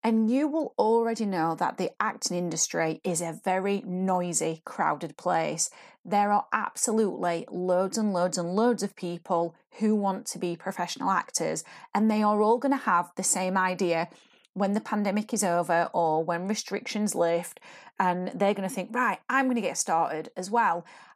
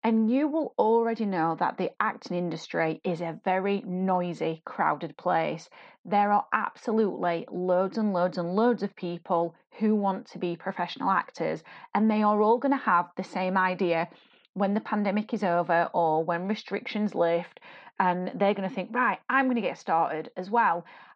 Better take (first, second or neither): first